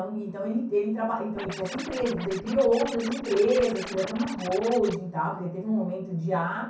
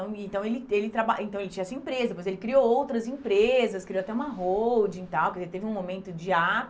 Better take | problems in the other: second | background sound (Scratching (performance technique)); 12 dB below the speech // room echo; dies away in 0.6 s

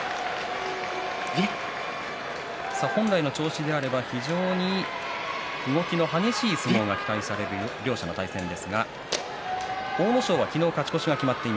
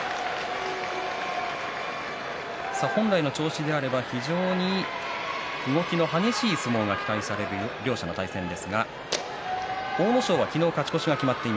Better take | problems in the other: second | background sound (Dog); 13 dB below the speech

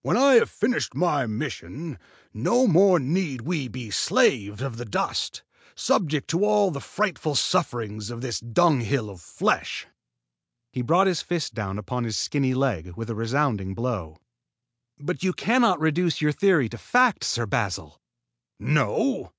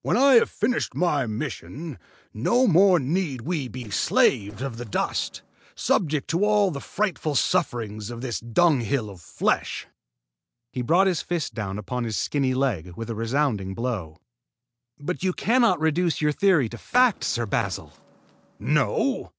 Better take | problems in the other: first | noise reduction (neural separator model SepFormer DNS4)

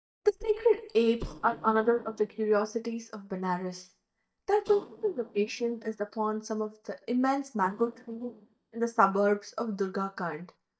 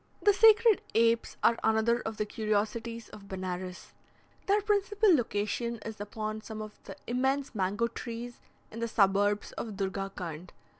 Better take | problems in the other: second | noise reduction (neural mask model DeepFilterNet 3)

